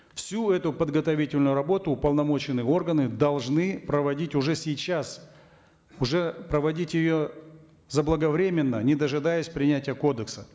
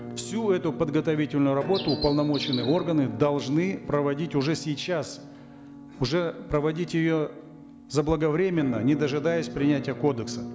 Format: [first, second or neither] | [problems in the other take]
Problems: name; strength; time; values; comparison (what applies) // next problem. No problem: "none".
first | background sound (Bird + Musical instrument); 11 dB below the speech